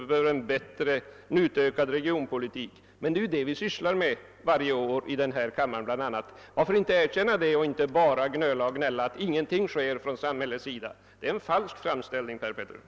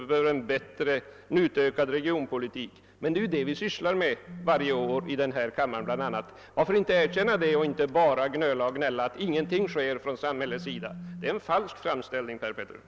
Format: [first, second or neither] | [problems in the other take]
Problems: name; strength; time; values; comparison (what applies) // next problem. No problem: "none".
first | background sound (Telephone); 15 dB below the speech